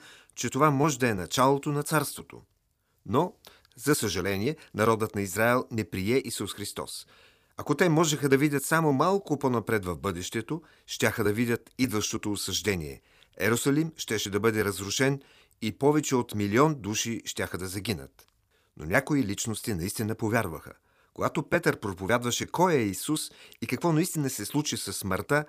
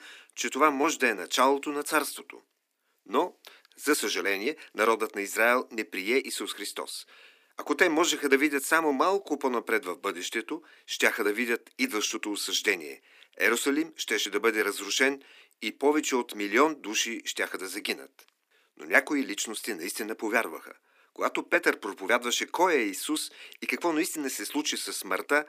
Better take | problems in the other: first | thin; very slightly; fading below 250 Hz

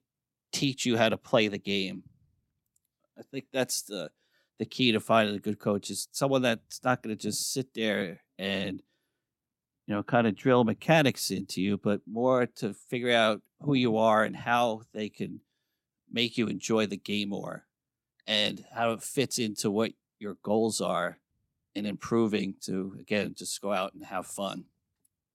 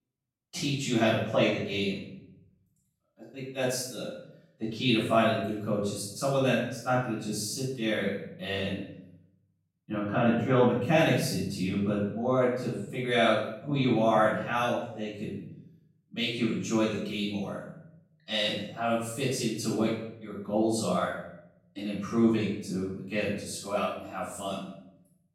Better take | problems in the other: first | off-mic speech; far // room echo; noticeable; dies away in 0.7 s

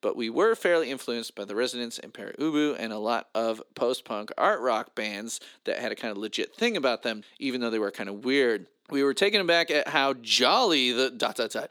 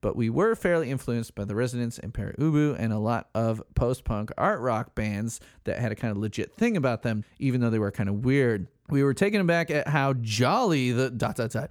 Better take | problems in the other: second | thin; somewhat; fading below 300 Hz

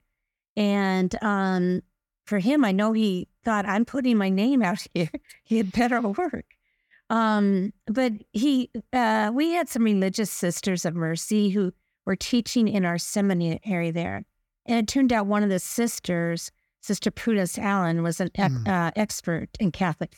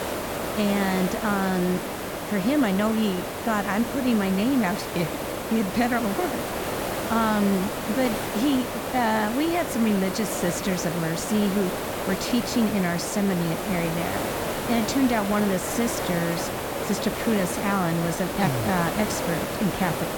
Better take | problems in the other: first | hiss; loud; throughout; 4 dB below the speech

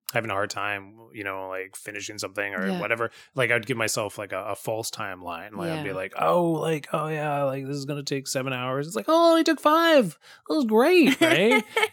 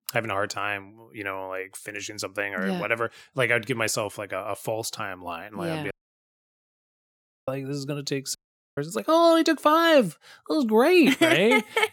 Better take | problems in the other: first | audio cutting out; at 6 s for 1.5 s and at 8.5 s

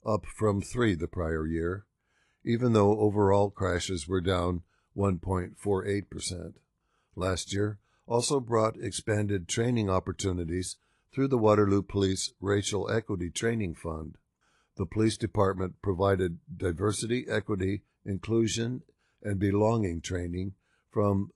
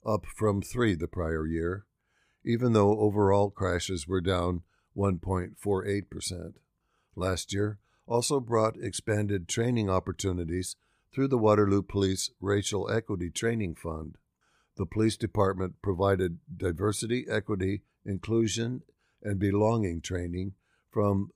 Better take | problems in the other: second | garbled, watery; slightly

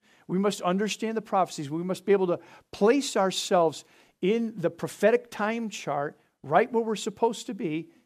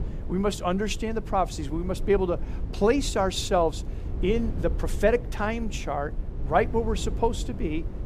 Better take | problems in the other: first | low rumble; noticeable; throughout; 20 dB below the speech

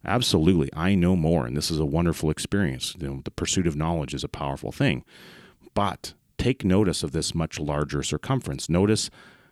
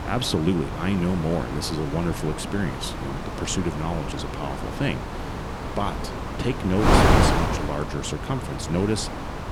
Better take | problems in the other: first | wind noise on the microphone; heavy; 2 dB above the speech

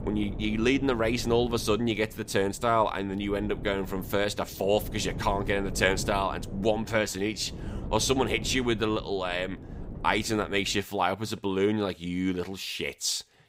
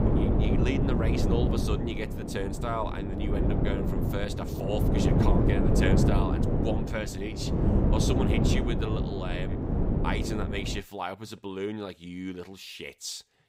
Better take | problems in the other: first | wind noise on the microphone; heavy; until 11 s; 1 dB above the speech; occasional gusts in the first

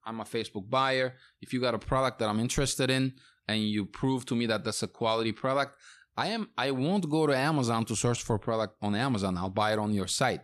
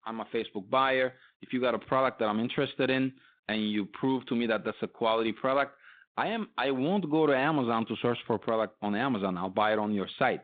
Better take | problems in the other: first | phone-call audio; nothing above 3.5 kHz

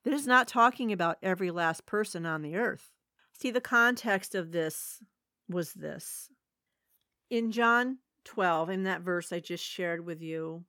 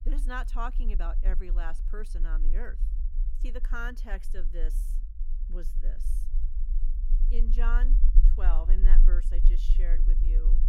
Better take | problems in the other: first | low rumble; noticeable; throughout; 15 dB below the speech

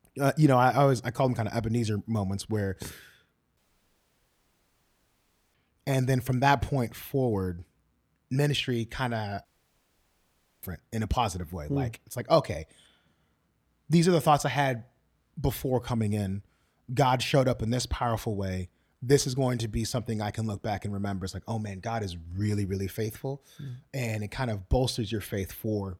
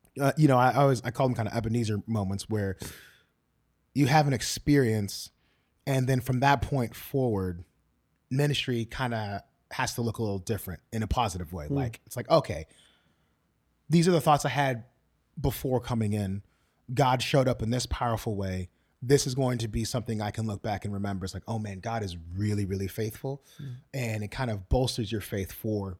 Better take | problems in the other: second | audio cutting out; at 3.5 s for 2 s and at 9.5 s for 1 s

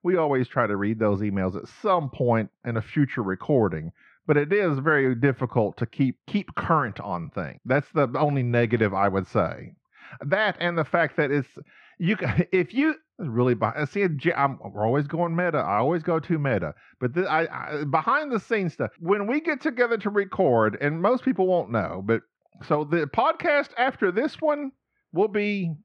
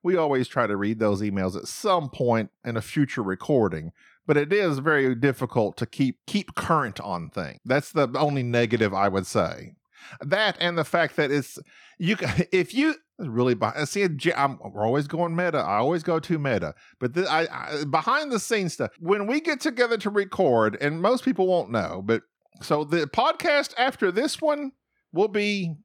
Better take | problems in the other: second | muffled; slightly; fading above 2 kHz

